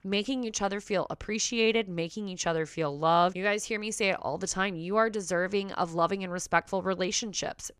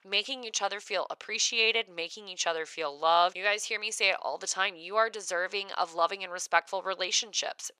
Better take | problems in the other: first | thin; very; fading below 700 Hz

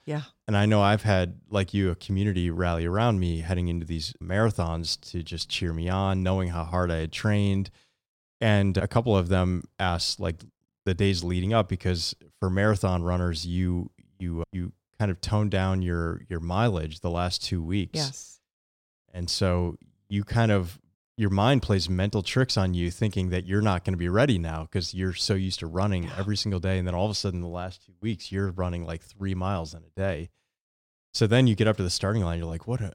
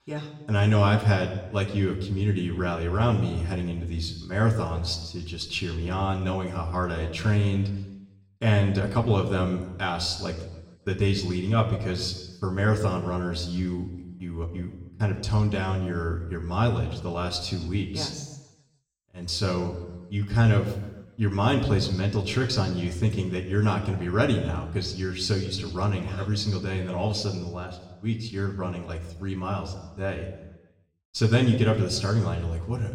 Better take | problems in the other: first | room echo; slight; dies away in 1 s // off-mic speech; somewhat distant

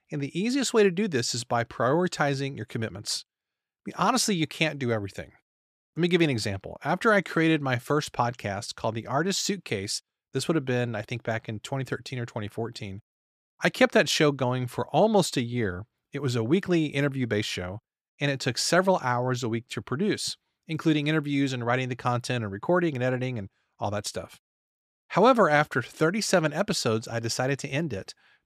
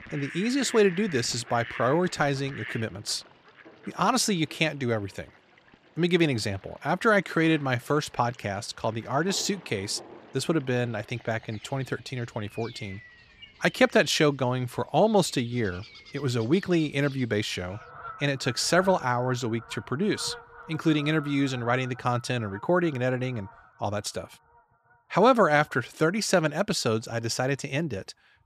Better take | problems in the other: first | animal sounds; noticeable; throughout; 20 dB below the speech

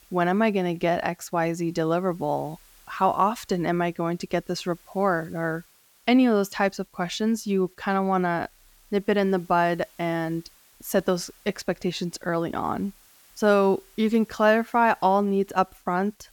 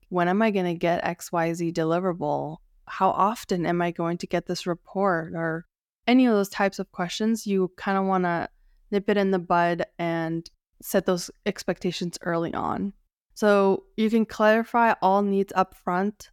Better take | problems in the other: second | hiss; faint; throughout; 30 dB below the speech

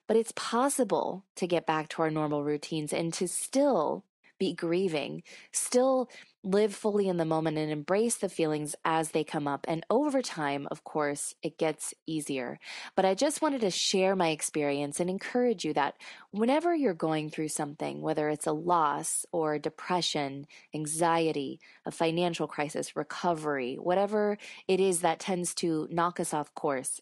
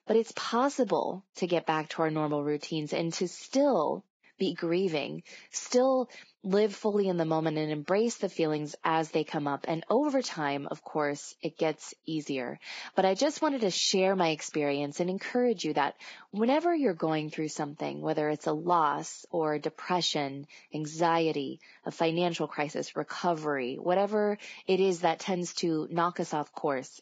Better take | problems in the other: first | garbled, watery; badly; nothing above 7.5 kHz; slightly in the first

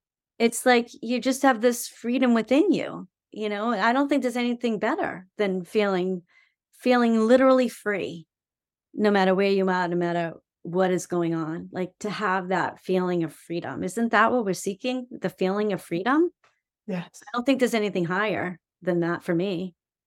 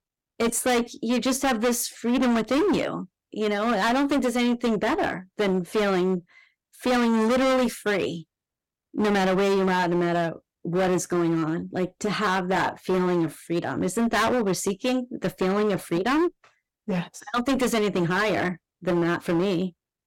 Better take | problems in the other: first | distortion; heavy; 19% of the sound clipped

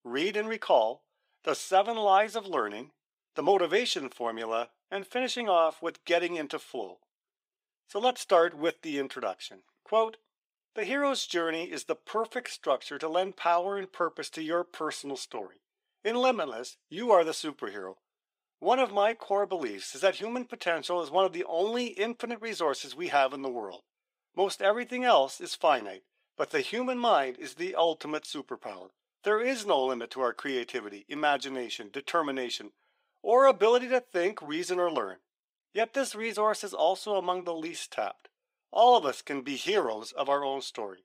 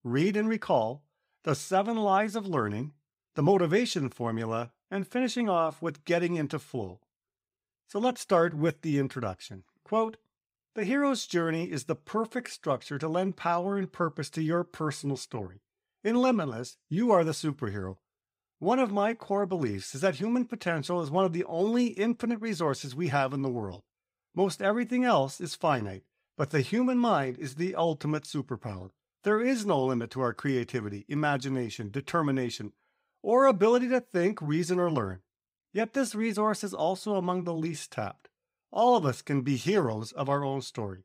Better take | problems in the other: second | thin; somewhat; fading below 350 Hz

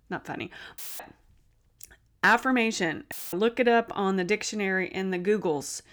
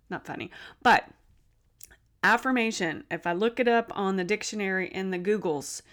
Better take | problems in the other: second | audio cutting out; filled with static; at 1 s and at 3 s

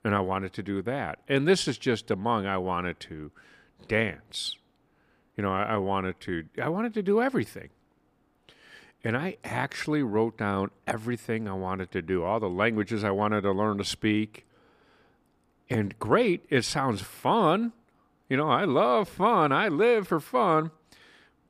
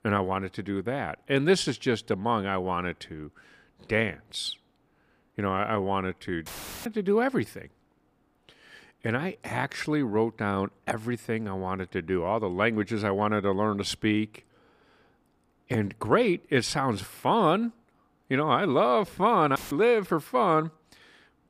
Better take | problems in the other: first | audio cutting out; filled with static; at 6.5 s and at 20 s

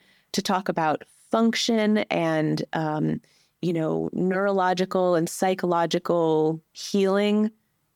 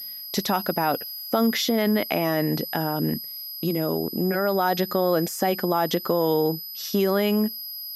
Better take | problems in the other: first | high-pitched whine; loud; throughout; 5 kHz, 8 dB below the speech

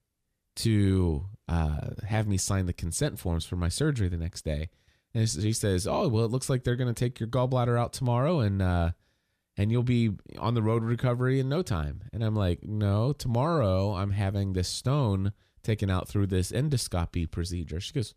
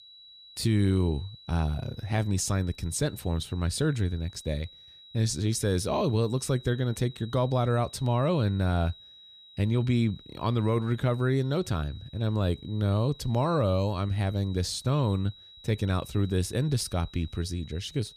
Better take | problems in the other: first | high-pitched whine; faint; throughout; 4 kHz, 20 dB below the speech

